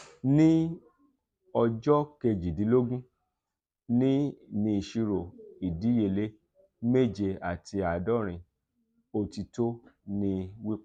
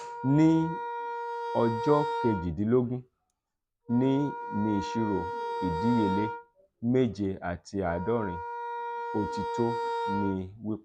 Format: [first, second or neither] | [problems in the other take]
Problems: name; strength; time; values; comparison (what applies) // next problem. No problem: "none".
first | background sound (Wind instrument, woodwind instrument); 6 dB below the speech